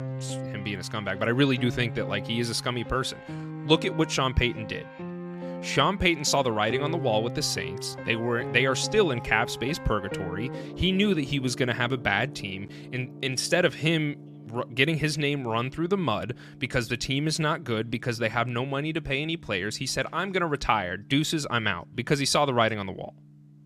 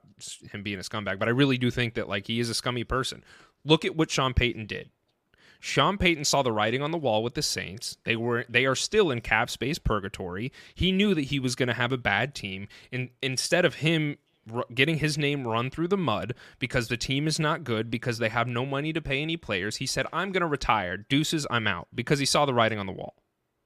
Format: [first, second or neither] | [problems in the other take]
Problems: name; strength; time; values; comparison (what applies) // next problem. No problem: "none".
second | background music; noticeable; throughout; 15 dB below the speech